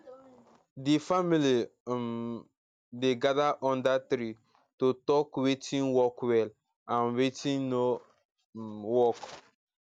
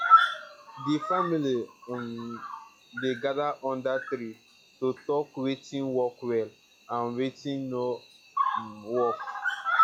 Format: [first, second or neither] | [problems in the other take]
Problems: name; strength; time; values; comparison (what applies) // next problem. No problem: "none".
first | noise reduction (classical method log-MMSE)